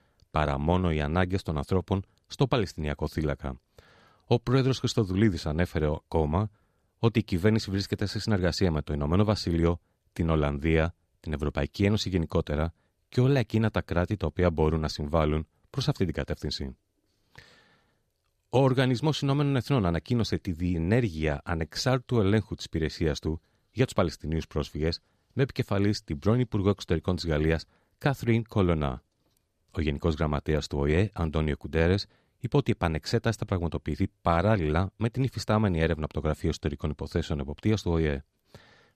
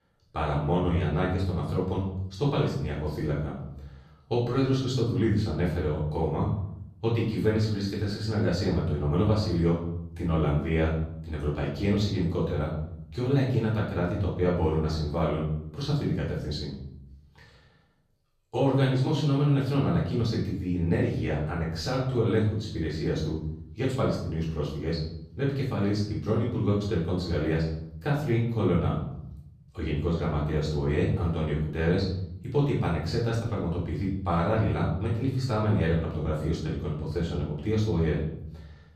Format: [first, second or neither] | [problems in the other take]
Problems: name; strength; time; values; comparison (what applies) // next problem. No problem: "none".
first | off-mic speech; far // room echo; noticeable; dies away in 0.7 s